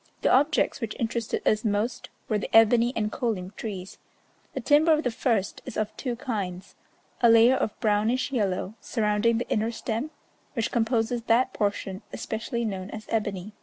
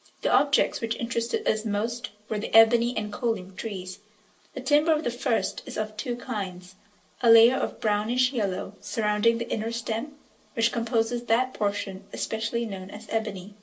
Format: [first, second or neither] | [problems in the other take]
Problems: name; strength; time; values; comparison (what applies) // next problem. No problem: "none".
first | room echo; dies away in 0.2 s